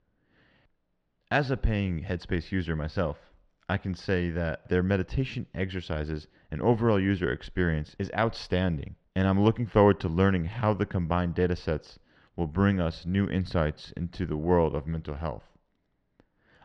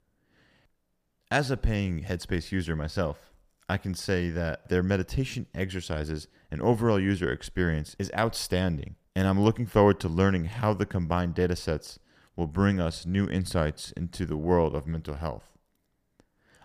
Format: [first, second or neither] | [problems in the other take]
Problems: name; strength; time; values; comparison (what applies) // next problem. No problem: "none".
second | muffled; very slightly; fading above 4 kHz